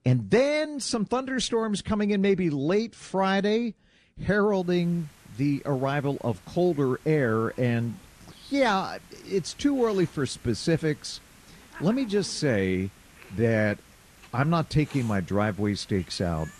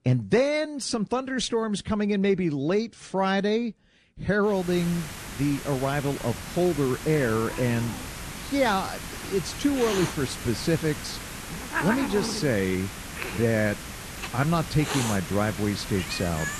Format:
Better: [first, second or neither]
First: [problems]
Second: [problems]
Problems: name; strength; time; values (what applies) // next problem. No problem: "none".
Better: first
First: hiss; faint; from 4.5 s on; 25 dB below the speech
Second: hiss; loud; from 4.5 s on; 8 dB below the speech